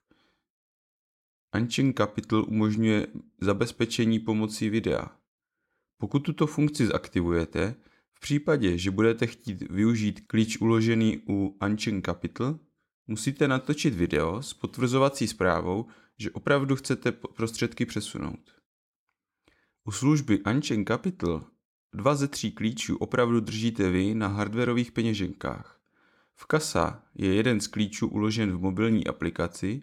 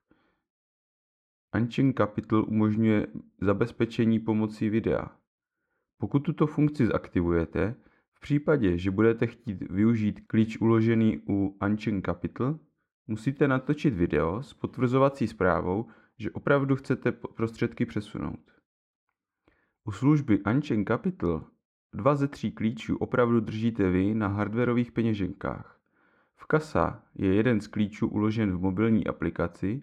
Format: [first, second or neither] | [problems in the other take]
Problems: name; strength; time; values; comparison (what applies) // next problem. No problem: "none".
first | muffled; very; fading above 3.5 kHz